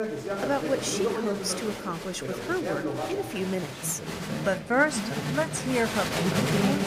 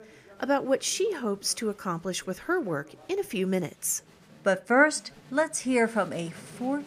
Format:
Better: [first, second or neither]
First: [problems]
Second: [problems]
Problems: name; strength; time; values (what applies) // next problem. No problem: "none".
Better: second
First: crowd noise; loud; throughout; 1 dB below the speech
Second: crowd noise; faint; throughout; 25 dB below the speech